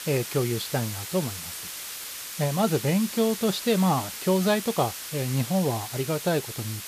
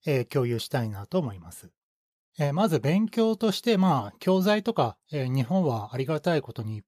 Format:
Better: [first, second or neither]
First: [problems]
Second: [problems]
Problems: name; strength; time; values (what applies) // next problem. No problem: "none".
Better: second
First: hiss; loud; throughout; 8 dB below the speech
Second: none